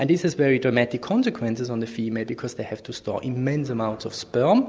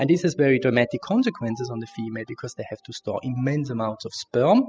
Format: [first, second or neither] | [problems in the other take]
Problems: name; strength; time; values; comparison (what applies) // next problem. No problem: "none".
first | noise reduction (classical method spectral subtraction)